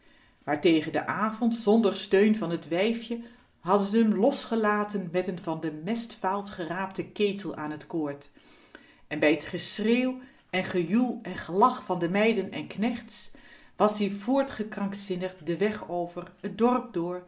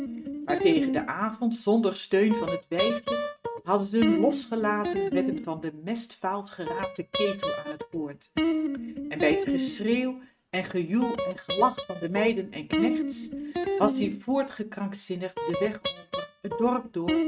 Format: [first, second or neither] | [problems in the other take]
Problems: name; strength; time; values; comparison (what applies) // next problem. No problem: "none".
first | noise reduction (neural mask model RNNoise)